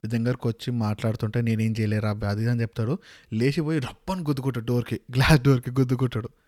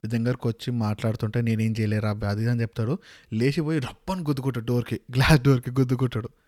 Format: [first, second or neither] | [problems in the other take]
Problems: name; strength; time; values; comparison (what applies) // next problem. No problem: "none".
neither | none